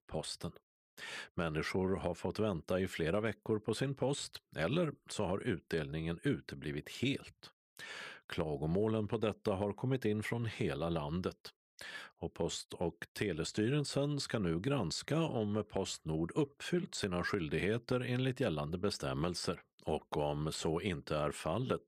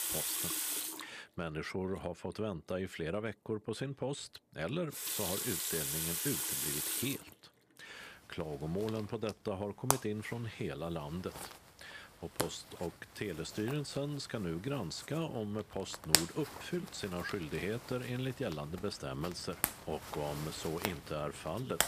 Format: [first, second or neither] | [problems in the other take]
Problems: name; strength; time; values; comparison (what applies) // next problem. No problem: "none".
first | household noises; very loud; throughout; 4 dB above the speech